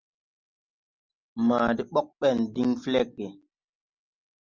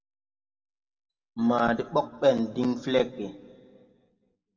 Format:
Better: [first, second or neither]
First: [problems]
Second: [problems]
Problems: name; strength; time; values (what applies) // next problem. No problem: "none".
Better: first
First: none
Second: room echo; dies away in 1.4 s